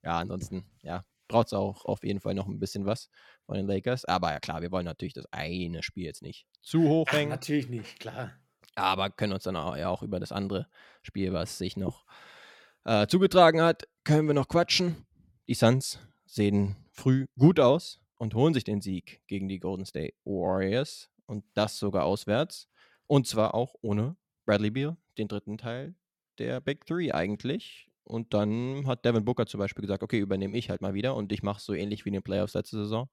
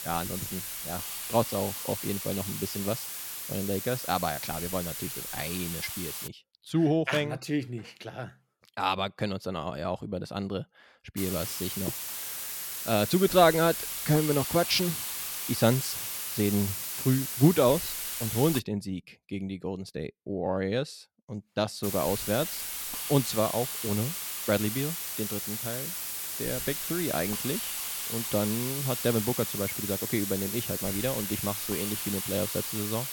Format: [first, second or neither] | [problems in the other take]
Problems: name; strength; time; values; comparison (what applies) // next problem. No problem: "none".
first | hiss; loud; until 6.5 s, from 11 to 19 s and from 22 s on; 3 dB below the speech